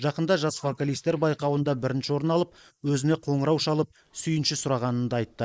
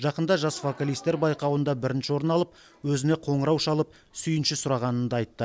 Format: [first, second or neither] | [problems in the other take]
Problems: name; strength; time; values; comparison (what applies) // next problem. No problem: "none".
second | noise reduction (neural mask model Resemble Enhance denoiser)